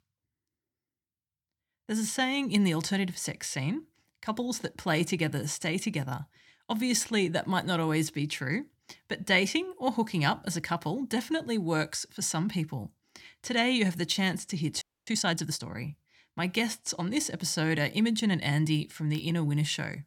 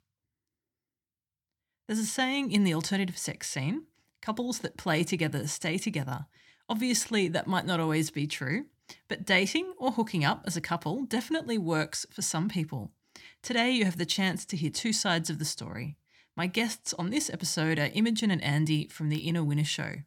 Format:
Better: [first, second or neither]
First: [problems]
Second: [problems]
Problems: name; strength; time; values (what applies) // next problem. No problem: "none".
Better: second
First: audio freezing; at 15 s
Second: none